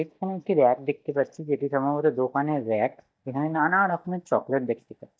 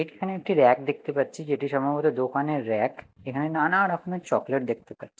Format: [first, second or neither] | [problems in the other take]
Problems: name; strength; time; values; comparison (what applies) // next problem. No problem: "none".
second | noise reduction (neural mask model DeepFilterNet 3)